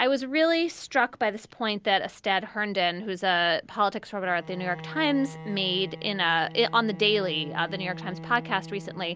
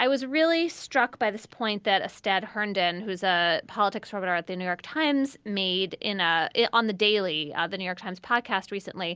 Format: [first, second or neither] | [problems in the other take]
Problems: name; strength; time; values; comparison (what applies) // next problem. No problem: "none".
second | background sound (Bowed string instrument); 16 dB below the speech